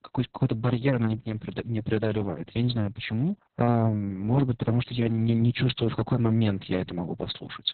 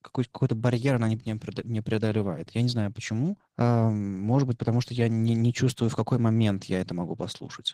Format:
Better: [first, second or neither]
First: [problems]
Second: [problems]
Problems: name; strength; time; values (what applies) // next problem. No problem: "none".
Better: second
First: garbled, watery; badly; nothing above 4 kHz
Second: garbled, watery; slightly; nothing above 15.5 kHz